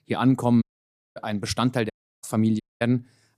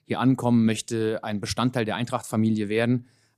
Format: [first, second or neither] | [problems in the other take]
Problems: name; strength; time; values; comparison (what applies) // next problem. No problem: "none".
second | audio cutting out; at 0.5 s for 0.5 s, at 2 s and at 2.5 s